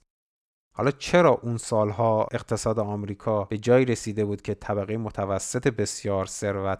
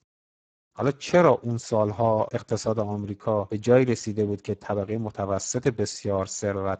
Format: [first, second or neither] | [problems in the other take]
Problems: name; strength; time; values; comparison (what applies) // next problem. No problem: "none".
first | garbled, watery; badly; nothing above 7.5 kHz